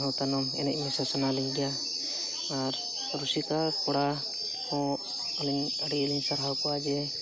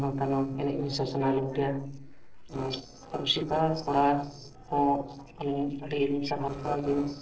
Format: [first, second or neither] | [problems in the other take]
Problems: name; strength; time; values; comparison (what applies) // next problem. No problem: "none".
first | noise reduction (neural separator model SepFormer DNS4)